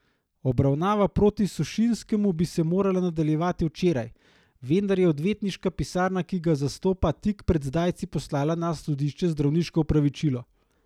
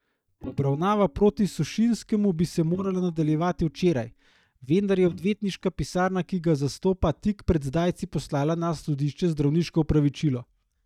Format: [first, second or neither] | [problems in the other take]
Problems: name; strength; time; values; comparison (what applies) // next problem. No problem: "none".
first | noise reduction (neural mask model DeepFilterNet 3)